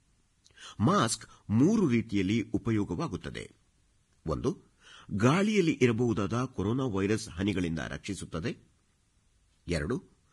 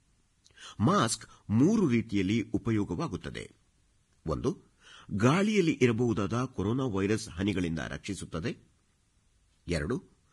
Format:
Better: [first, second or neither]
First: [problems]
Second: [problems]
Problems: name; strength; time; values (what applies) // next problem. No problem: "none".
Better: neither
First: garbled, watery; badly; nothing above 10.5 kHz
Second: garbled, watery; badly; nothing above 10.5 kHz